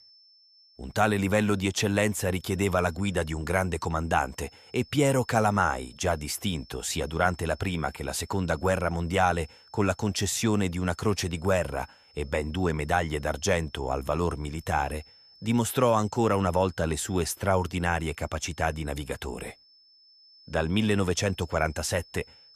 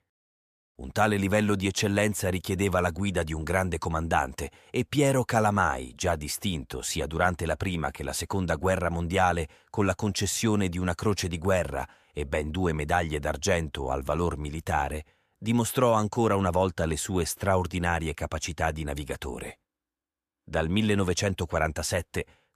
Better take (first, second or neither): second